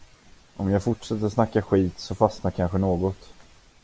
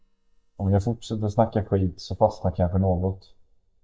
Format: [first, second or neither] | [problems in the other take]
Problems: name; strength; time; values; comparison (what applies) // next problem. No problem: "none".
first | noise reduction (neural mask model DeepFilterNet 3)